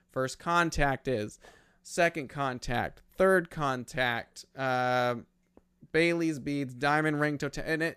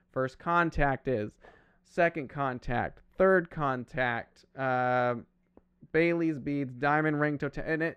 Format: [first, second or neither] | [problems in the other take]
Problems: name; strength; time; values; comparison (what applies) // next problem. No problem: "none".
first | muffled; slightly; fading above 4 kHz